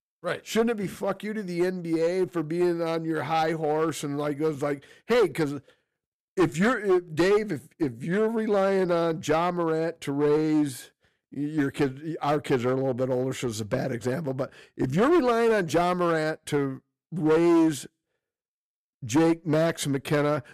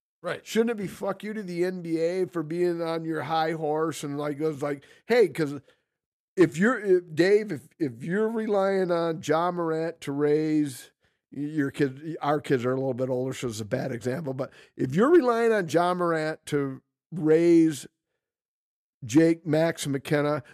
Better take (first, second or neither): second